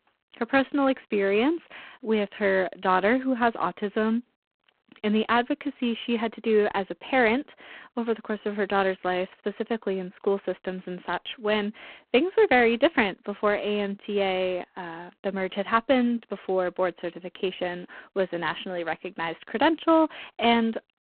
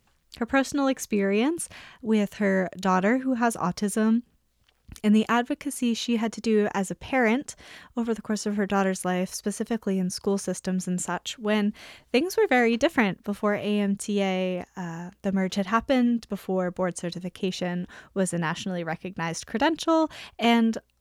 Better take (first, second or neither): second